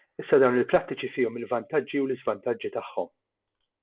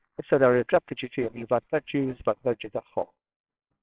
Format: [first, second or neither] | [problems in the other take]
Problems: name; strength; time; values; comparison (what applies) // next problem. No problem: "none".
first | noise reduction (neural separator model SepFormer WHAMR!)